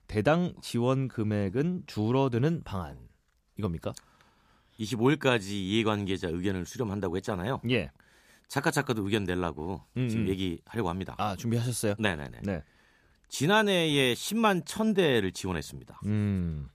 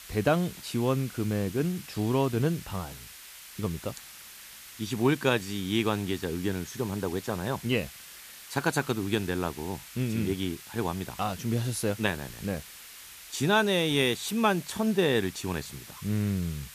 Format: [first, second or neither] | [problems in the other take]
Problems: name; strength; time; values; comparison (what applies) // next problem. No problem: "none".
first | hiss; noticeable; throughout; 15 dB below the speech